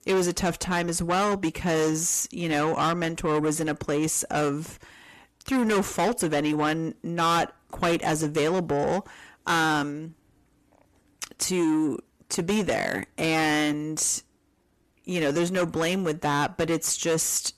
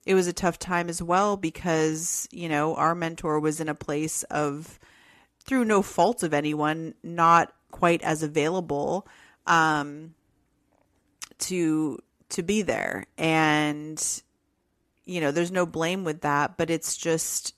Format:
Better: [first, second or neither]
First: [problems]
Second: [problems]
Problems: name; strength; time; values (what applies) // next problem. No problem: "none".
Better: second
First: distortion; heavy; 6 dB below the speech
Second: none